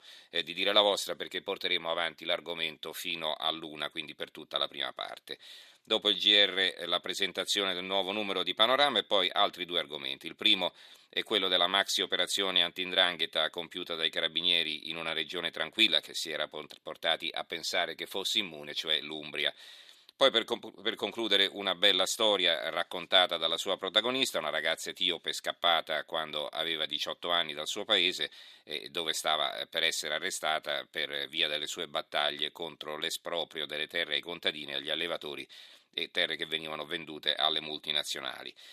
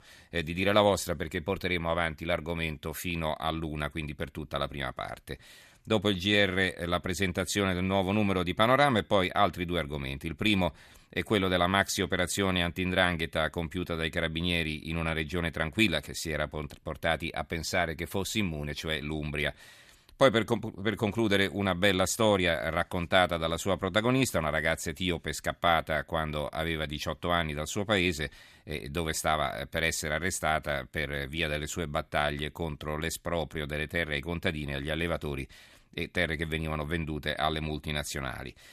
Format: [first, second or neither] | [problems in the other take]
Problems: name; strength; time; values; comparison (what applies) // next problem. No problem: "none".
second | thin; somewhat; fading below 400 Hz